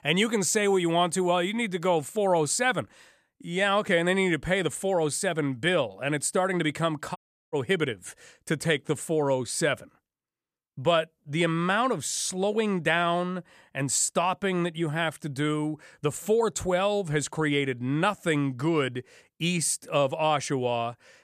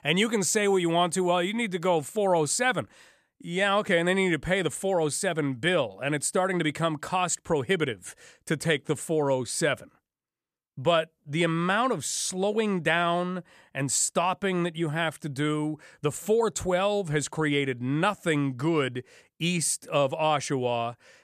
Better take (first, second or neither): second